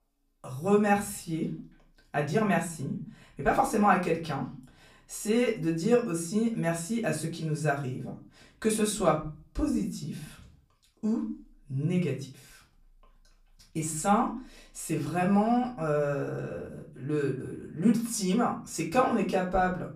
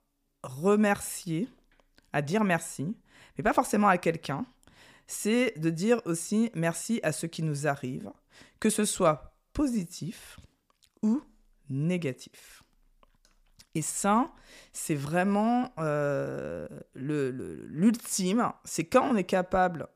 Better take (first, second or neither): second